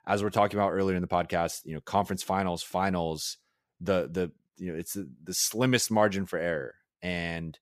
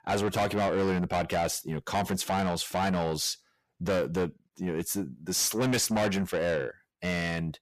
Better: first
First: none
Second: distortion; heavy; 6 dB below the speech

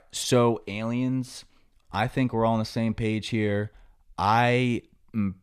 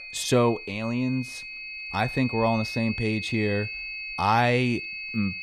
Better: first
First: none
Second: high-pitched whine; loud; throughout; 2.5 kHz, 7 dB below the speech

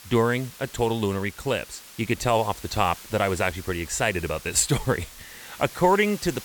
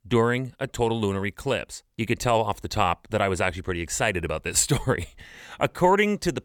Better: second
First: hiss; noticeable; throughout; 15 dB below the speech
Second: none

